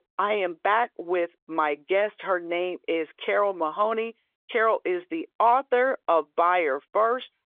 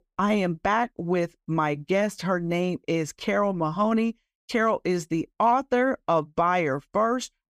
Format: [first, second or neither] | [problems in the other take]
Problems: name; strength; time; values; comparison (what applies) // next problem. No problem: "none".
second | phone-call audio; nothing above 3.5 kHz